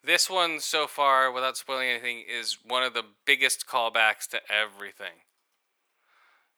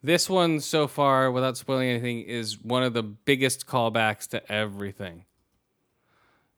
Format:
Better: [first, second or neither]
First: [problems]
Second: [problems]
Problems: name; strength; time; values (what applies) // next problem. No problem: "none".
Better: second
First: thin; very; fading below 750 Hz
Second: none